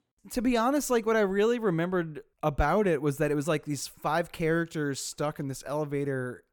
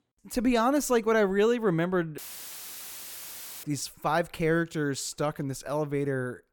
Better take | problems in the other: first | audio cutting out; filled with static; at 2 s for 1.5 s

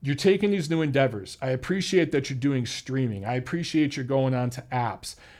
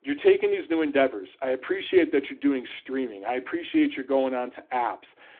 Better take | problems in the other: first | phone-call audio; nothing above 3.5 kHz

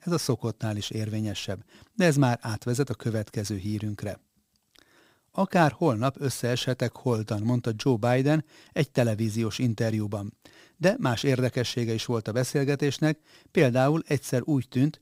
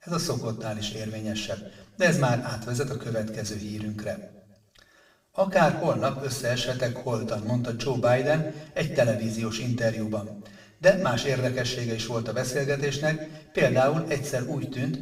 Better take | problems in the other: first | room echo; slight; dies away in 0.6 s // off-mic speech; far

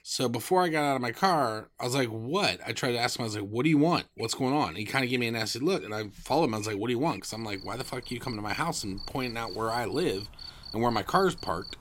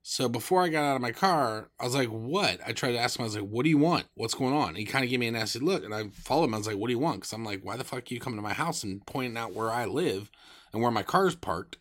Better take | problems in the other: second | animal sounds; noticeable; throughout; 15 dB below the speech

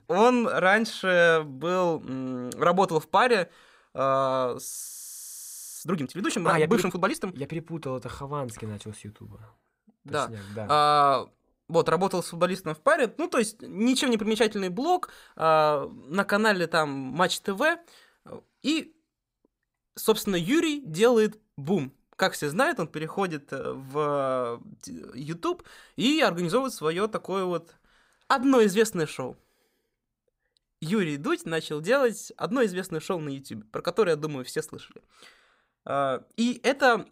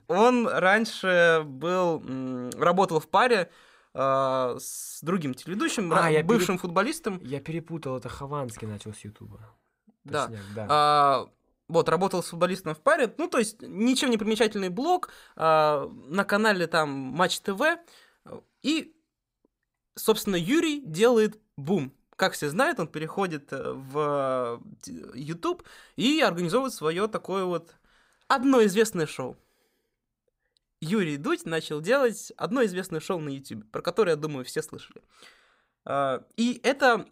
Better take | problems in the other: second | audio freezing; at 5 s for 1 s

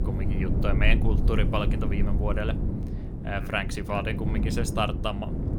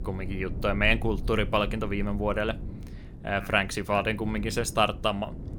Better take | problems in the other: second | wind noise on the microphone; heavy; 8 dB below the speech; occasional gusts in the second

